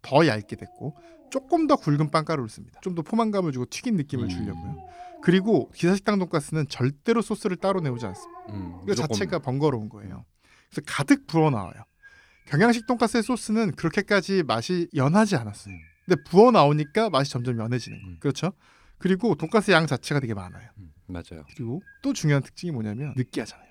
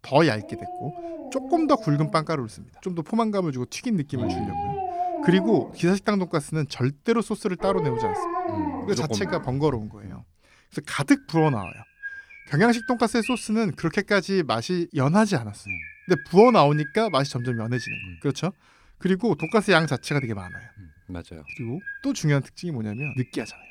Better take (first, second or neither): first